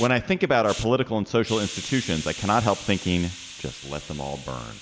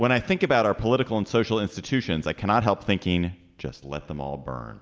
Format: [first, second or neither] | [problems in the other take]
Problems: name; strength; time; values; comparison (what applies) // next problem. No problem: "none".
second | background sound (Hiss); 14 dB below the speech